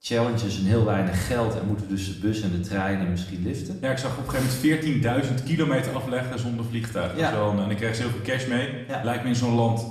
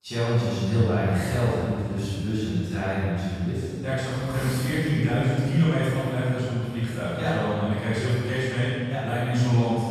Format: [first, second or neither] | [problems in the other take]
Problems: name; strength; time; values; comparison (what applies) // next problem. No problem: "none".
first | room echo; strong; dies away in 2 s; slight in the first // off-mic speech; far; far in the first